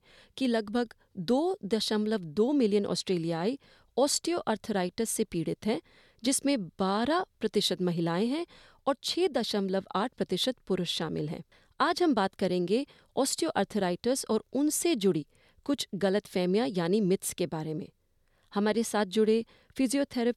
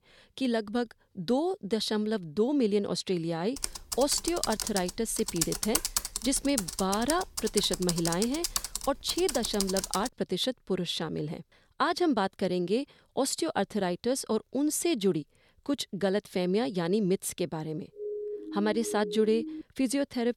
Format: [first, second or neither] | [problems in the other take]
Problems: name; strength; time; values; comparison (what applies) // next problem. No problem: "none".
first | keyboard typing; loud; from 3.5 to 10 s; peak 2 dB above the speech // siren; noticeable; from 18 to 20 s; peak 6 dB below the speech